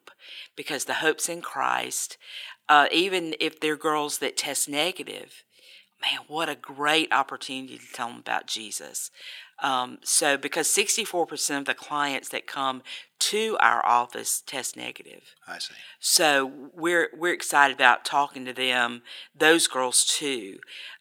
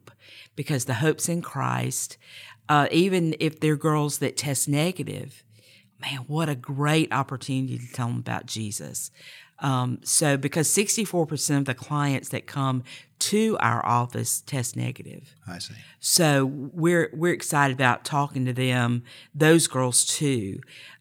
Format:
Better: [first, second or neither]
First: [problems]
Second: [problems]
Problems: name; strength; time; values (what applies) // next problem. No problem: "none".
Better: second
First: thin; very; fading below 350 Hz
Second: none